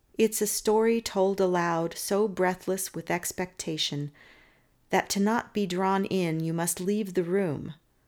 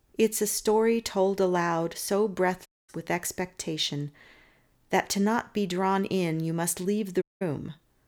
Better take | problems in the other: first | audio cutting out; at 2.5 s and at 7 s

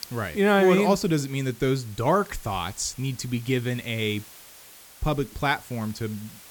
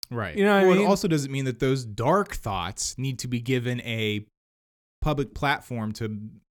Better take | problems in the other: second | hiss; noticeable; throughout; 20 dB below the speech

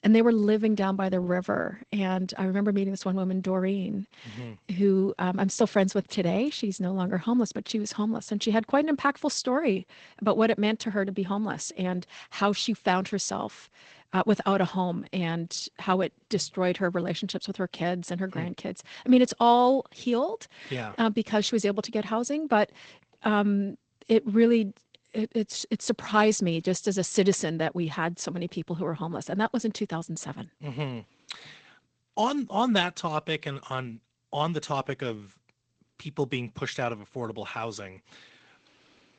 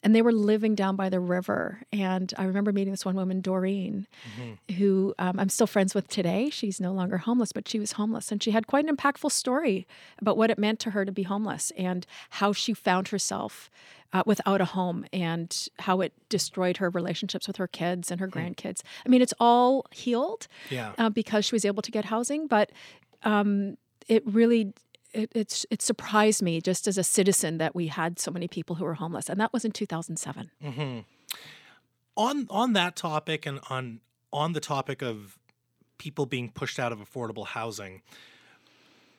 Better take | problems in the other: second | garbled, watery; slightly; nothing above 8 kHz

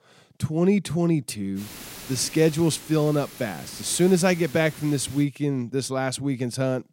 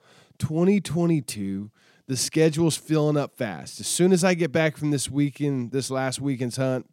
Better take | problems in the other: second | hiss; noticeable; from 1.5 to 5 s; 15 dB below the speech

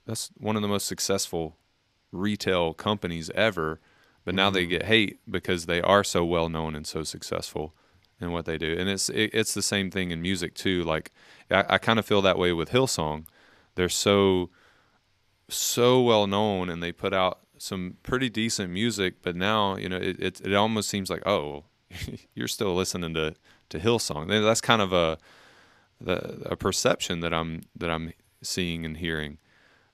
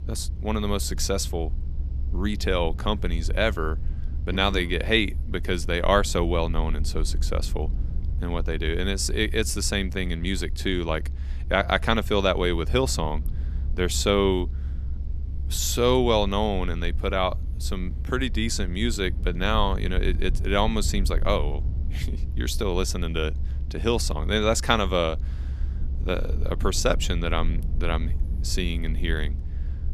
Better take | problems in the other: first | low rumble; faint; throughout; 20 dB below the speech

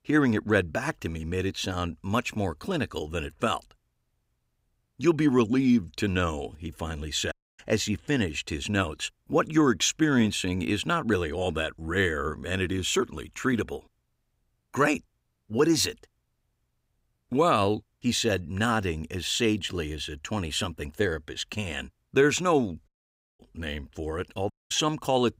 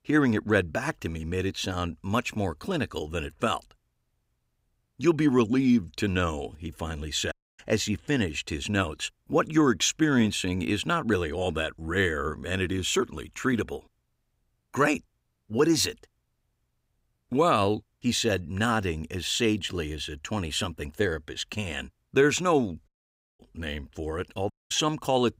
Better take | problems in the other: neither | audio cutting out; at 7.5 s, at 23 s for 0.5 s and at 25 s; the same in both

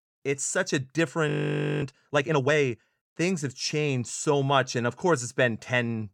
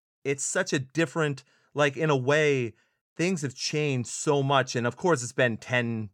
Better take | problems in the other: second | audio freezing; at 1.5 s for 0.5 s

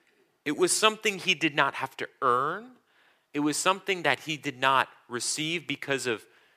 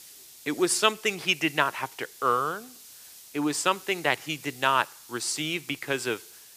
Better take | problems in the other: first | hiss; noticeable; throughout; 20 dB below the speech

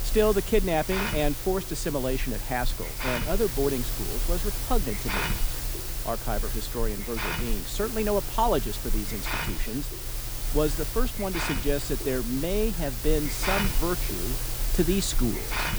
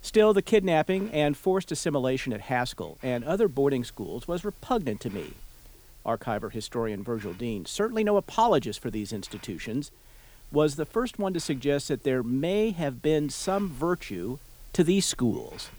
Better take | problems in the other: second | hiss; loud; throughout; 1 dB below the speech; faint in the second

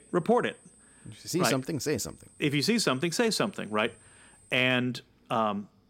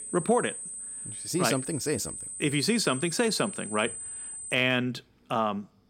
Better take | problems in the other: first | high-pitched whine; loud; until 4.5 s; 8 kHz, 8 dB below the speech; faint in the first

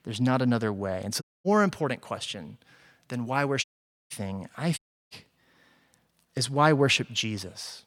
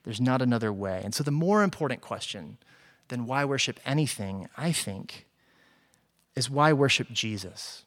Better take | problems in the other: second | audio cutting out; at 1 s, at 3.5 s and at 5 s

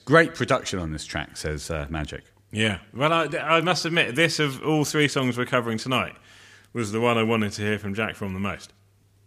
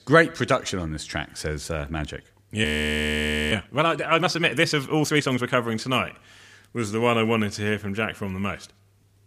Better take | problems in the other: first | audio freezing; at 2.5 s for 1 s

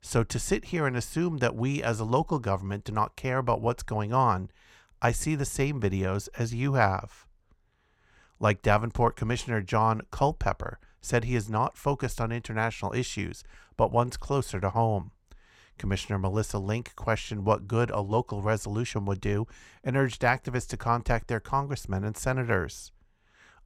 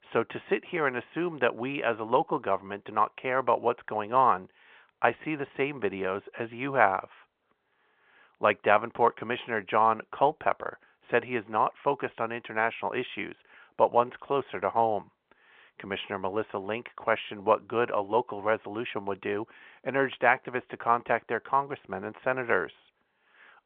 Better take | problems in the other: first | phone-call audio

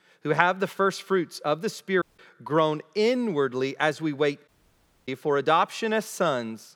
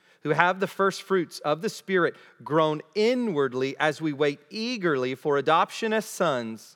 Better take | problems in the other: second | audio cutting out; at 2 s and at 4.5 s for 0.5 s

